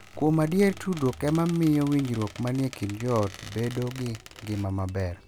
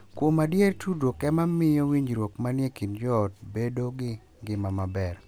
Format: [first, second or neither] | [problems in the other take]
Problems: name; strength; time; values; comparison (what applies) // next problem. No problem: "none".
second | background sound (Squeak); 20 dB below the speech